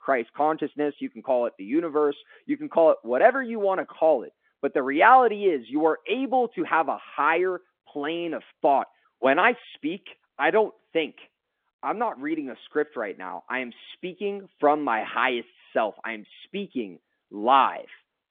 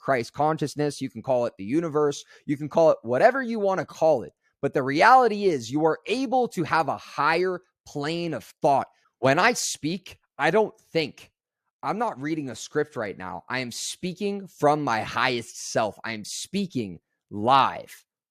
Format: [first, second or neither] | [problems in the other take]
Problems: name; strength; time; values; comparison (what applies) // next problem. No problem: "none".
second | phone-call audio; nothing above 3.5 kHz